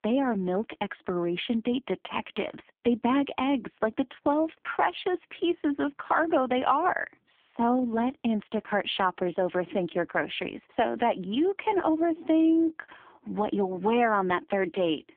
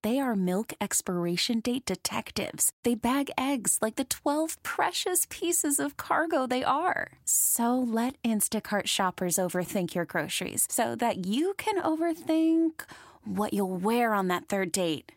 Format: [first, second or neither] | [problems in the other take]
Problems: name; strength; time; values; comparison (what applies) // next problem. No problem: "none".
second | phone-call audio; poor line